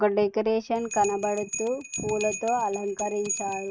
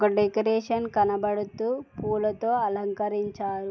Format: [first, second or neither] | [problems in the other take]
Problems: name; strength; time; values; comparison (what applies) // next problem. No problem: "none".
second | noise reduction (neural mask model RNNoise)